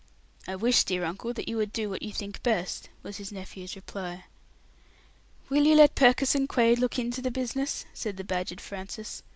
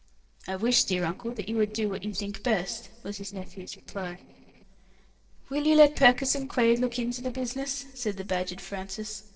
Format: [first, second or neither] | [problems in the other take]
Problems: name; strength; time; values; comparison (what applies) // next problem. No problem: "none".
first | noise reduction (neural separator model SepFormer DNS4)